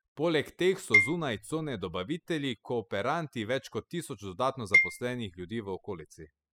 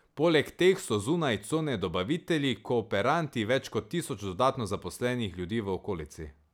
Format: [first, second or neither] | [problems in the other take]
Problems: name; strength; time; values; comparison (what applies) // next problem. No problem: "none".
second | noise reduction (classical method spectral subtraction)